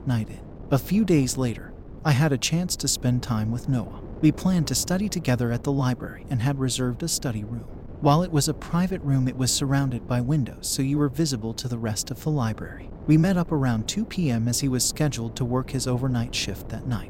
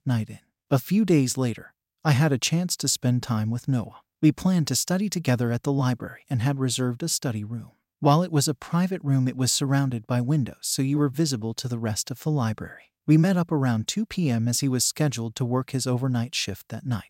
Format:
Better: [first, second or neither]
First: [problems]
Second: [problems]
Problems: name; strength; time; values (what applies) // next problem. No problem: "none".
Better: second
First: wind noise on the microphone; occasional gusts; 20 dB below the speech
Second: none